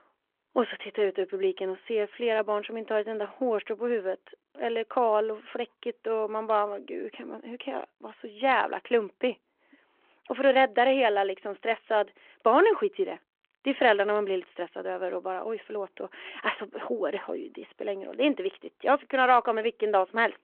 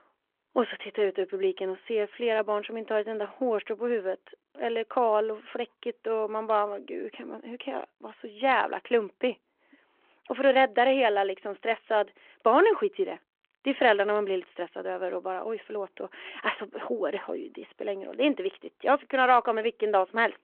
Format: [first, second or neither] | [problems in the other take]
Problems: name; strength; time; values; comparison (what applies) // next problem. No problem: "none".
neither | phone-call audio; the same in both